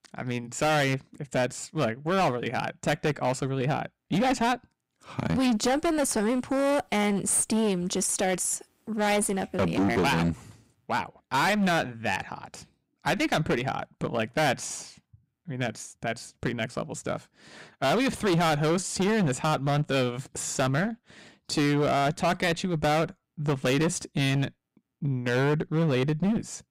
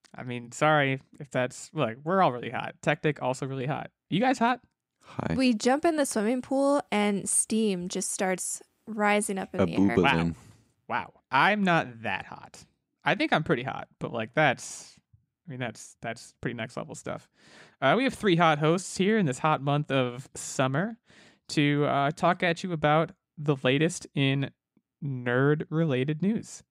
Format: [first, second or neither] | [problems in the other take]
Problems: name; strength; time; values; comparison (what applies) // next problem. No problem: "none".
second | distortion; heavy; 14% of the sound clipped